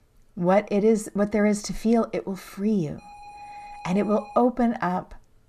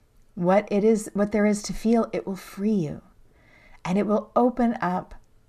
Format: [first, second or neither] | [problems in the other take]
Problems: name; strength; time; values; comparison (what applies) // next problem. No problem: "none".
second | alarm; faint; from 3 to 4.5 s; peak 15 dB below the speech